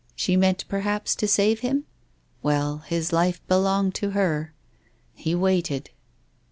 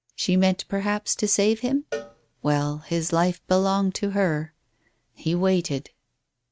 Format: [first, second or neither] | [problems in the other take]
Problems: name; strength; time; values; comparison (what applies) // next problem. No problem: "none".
first | noise reduction (neural mask model RNNoise)